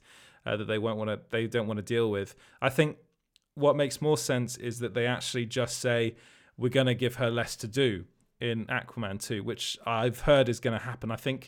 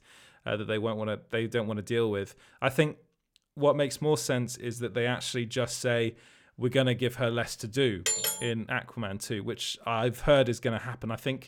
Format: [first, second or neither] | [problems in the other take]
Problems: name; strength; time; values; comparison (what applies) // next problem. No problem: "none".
first | clattering dishes; loud; at 8 s; peak 3 dB above the speech